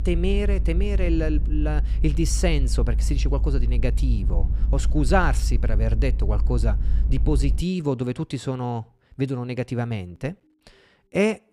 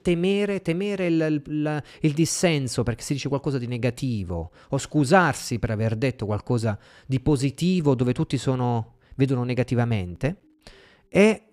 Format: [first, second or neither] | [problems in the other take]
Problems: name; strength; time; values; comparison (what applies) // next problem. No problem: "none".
second | low rumble; noticeable; until 7.5 s; 15 dB below the speech